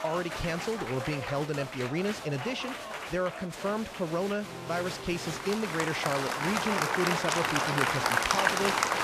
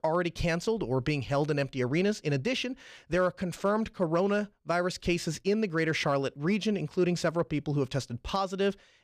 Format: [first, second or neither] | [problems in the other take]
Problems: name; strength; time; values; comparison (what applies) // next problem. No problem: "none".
second | crowd noise; very loud; throughout; 1 dB above the speech